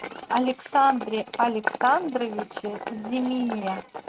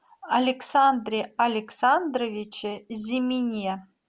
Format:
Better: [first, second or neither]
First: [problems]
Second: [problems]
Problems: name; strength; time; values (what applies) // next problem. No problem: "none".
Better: second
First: noise reduction (neural mask model RNNoise)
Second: none